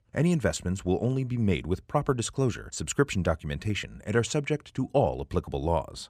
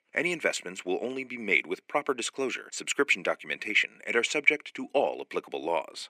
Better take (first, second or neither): first